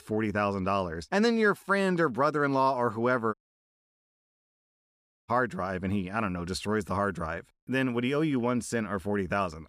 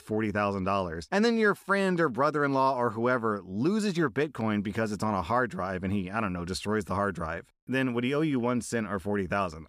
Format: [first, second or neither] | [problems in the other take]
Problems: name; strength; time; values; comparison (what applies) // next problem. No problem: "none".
second | audio cutting out; at 3.5 s for 2 s